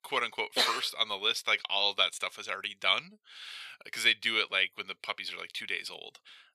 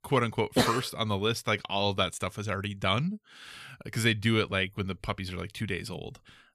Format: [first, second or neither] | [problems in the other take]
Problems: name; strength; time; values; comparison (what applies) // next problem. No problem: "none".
second | thin; very; fading below 600 Hz